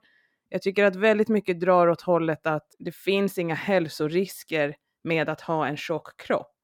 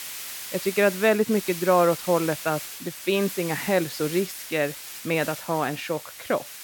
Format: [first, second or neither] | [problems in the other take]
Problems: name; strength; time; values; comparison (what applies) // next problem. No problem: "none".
first | hiss; loud; throughout; 10 dB below the speech